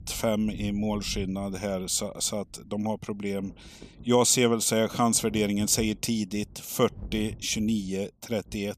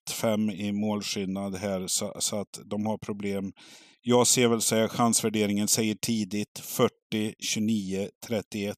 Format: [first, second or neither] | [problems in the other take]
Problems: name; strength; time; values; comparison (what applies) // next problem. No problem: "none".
second | rain or running water; noticeable; throughout; 20 dB below the speech